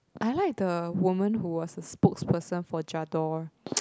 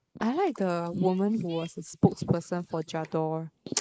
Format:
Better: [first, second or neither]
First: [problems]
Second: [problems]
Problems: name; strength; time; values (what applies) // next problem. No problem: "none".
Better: first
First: none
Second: noise reduction (neural mask model Resemble Enhance denoiser)